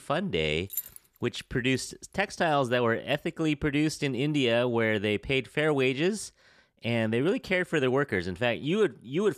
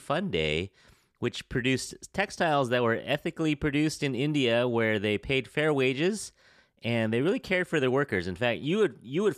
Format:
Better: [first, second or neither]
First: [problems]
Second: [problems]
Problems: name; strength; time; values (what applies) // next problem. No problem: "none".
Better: second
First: jangling keys; noticeable; at 0.5 s; peak 7 dB below the speech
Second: none